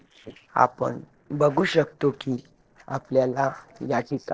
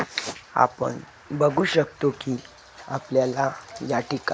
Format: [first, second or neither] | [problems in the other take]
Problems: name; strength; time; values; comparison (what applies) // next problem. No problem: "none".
second | noise reduction (neural separator model SepFormer DNS4)